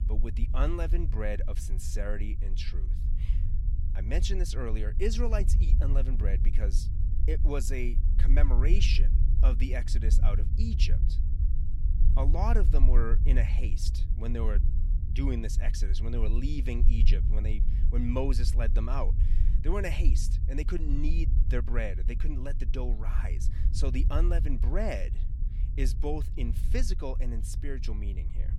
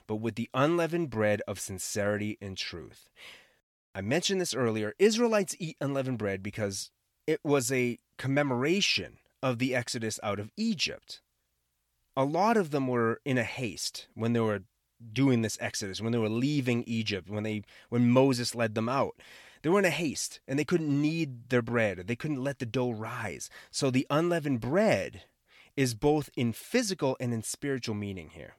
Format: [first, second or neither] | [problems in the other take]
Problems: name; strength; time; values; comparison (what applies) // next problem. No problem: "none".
second | low rumble; noticeable; throughout; 10 dB below the speech